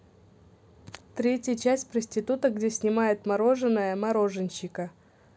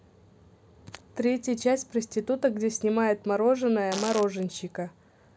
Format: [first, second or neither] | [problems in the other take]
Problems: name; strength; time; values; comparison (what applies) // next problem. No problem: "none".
first | background sound (Fart); 11 dB below the speech